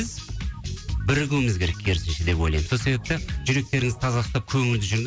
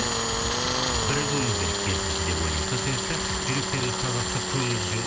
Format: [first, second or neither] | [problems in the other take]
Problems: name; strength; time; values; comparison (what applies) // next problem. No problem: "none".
first | background sound (Tools); 3 dB above the speech